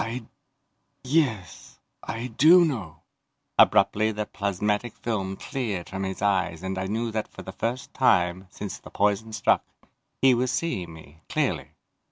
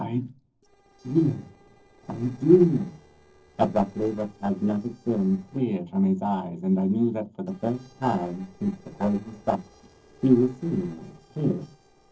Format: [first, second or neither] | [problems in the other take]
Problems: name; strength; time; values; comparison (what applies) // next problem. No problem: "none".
first | noise reduction (neural separator model SepFormer DNS4)